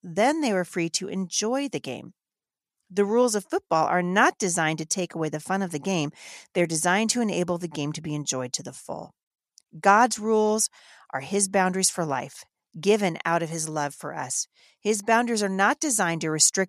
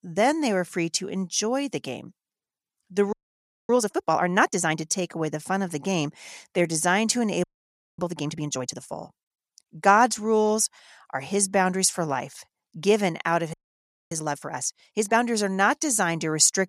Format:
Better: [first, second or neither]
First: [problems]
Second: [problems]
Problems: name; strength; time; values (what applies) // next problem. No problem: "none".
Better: first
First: none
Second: audio freezing; at 3 s for 0.5 s, at 7.5 s for 0.5 s and at 14 s for 0.5 s